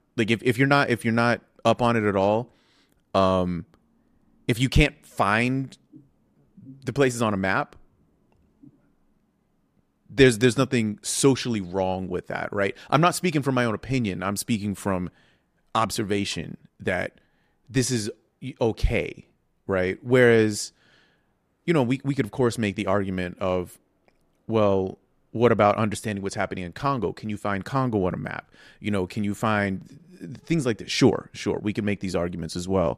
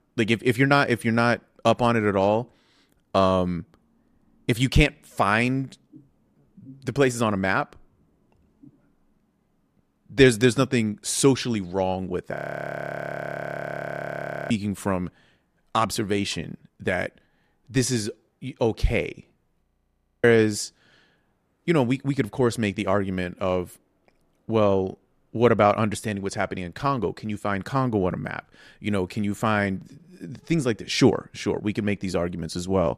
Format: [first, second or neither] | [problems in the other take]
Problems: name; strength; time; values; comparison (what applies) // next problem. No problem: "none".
first | audio freezing; at 12 s for 2 s and at 20 s for 0.5 s